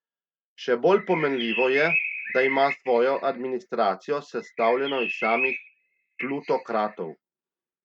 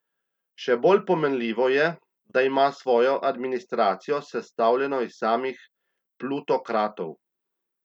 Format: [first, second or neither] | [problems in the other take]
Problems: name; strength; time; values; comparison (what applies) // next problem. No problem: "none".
second | noise reduction (neural mask model RNNoise)